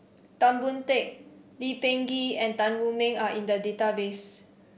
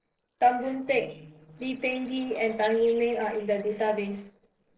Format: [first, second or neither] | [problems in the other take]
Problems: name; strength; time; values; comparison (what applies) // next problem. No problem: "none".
first | noise reduction (neural separator model SepFormer DNS4)